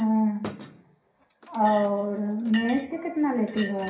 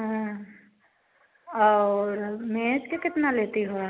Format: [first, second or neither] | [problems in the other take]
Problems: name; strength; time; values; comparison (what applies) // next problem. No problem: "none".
second | background sound (Chink, clink); 15 dB below the speech // room echo; dies away in 0.5 s